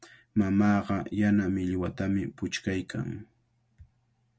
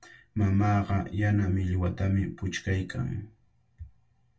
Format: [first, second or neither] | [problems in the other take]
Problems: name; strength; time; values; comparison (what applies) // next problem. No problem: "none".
first | room echo; dies away in 0.2 s